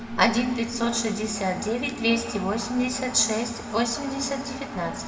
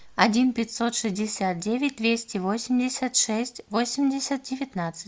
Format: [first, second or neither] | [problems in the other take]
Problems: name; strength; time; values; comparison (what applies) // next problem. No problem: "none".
second | background sound (Engine); 8 dB below the speech // room echo; dies away in 1.2 s